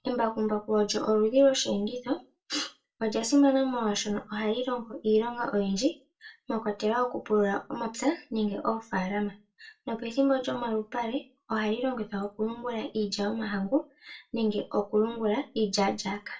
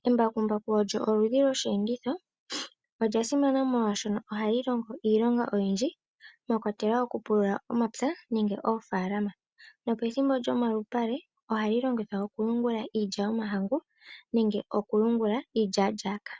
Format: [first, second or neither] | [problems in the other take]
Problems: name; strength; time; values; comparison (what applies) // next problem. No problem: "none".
second | room echo; dies away in 0.2 s